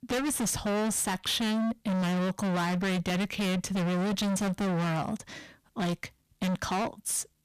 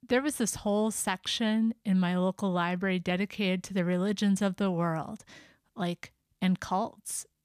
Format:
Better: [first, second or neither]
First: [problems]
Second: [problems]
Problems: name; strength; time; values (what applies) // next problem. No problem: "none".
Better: second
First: distortion; heavy; 39% of the sound clipped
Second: none